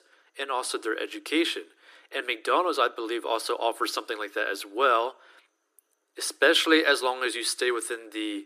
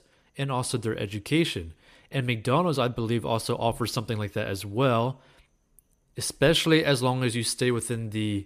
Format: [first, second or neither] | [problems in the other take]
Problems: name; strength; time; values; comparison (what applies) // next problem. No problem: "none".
second | thin; very; fading below 300 Hz